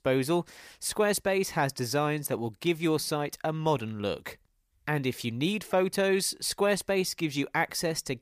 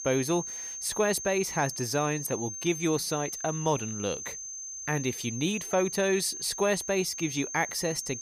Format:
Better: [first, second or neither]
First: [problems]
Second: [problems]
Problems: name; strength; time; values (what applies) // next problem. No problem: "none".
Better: first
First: none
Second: high-pitched whine; loud; throughout; 6.5 kHz, 6 dB below the speech